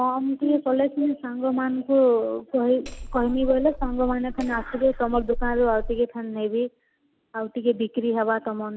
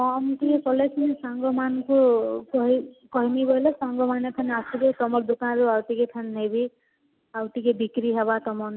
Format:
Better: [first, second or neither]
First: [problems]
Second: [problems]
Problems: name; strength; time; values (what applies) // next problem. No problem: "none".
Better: second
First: background sound (Hammer); 9 dB below the speech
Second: none